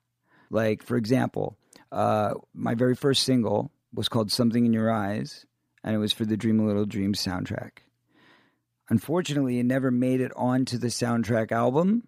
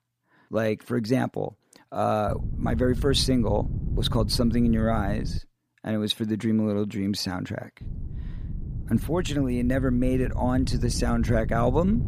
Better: first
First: none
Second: wind noise on the microphone; occasional gusts; from 2.5 to 5.5 s and from 8 s on; 15 dB below the speech

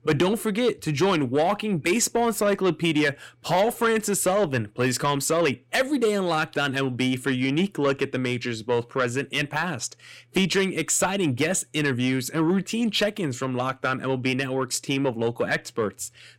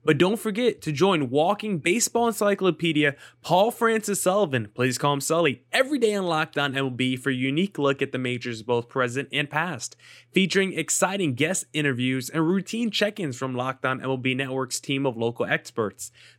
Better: second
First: distortion; slight; 10 dB below the speech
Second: none

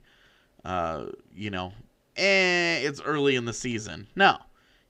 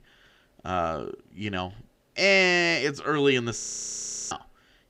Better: first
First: none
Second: audio freezing; at 3.5 s for 0.5 s

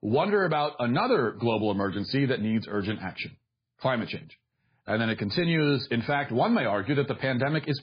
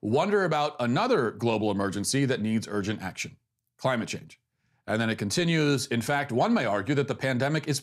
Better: second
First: garbled, watery; badly; nothing above 4 kHz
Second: none

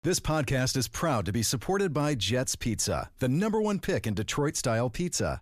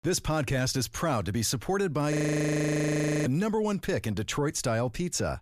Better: first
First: none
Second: audio freezing; at 2 s for 1 s

